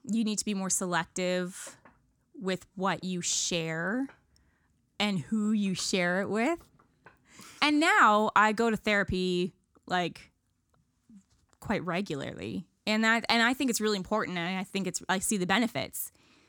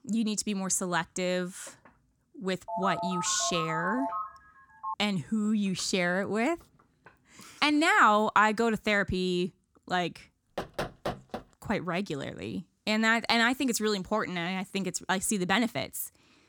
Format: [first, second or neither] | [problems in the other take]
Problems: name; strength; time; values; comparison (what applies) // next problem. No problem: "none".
first | phone ringing; noticeable; from 2.5 to 5 s; peak 5 dB below the speech // door banging; noticeable; at 11 s; peak 7 dB below the speech